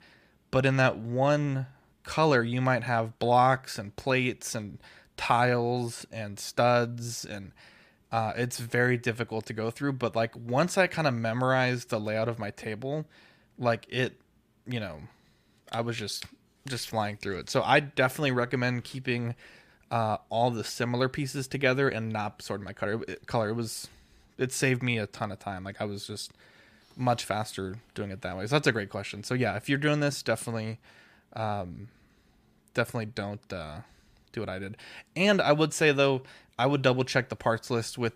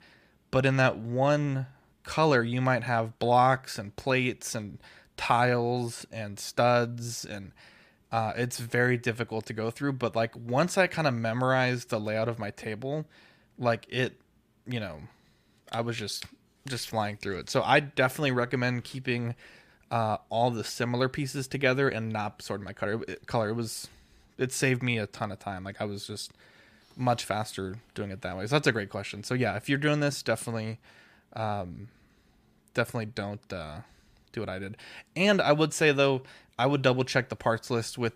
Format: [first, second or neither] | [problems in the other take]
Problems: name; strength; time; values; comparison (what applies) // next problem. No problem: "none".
neither | none